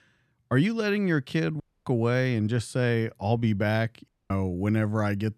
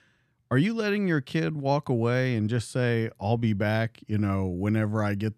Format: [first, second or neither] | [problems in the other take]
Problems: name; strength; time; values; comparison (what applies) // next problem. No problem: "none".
second | audio cutting out; at 1.5 s and at 4 s